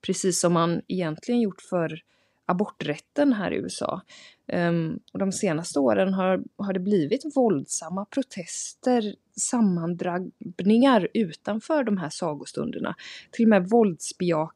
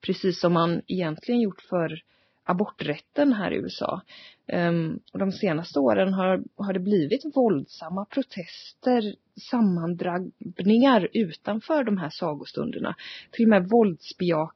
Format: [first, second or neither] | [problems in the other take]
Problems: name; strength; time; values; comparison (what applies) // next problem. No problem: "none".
first | garbled, watery; badly; nothing above 5.5 kHz